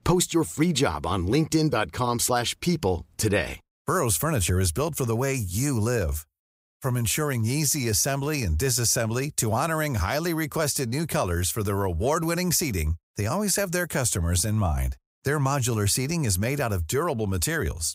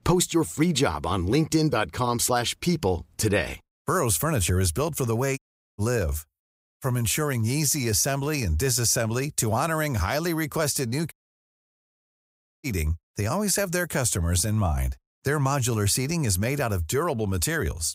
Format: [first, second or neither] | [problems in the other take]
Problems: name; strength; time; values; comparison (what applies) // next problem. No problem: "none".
first | audio cutting out; at 5.5 s and at 11 s for 1.5 s